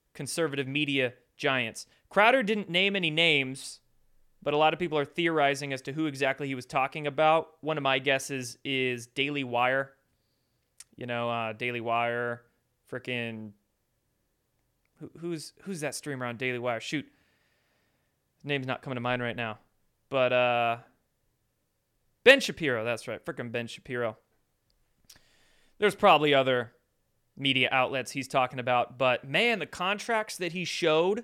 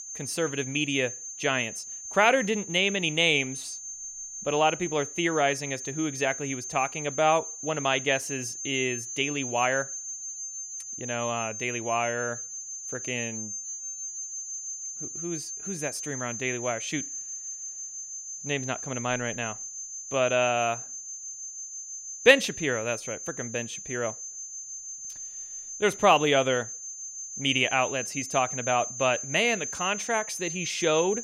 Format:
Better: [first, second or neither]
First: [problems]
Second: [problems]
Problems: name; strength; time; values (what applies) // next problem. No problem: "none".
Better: first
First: none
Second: high-pitched whine; loud; throughout; 6.5 kHz, 8 dB below the speech